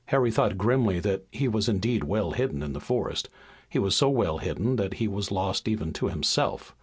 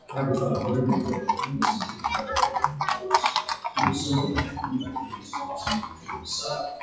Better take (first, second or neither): first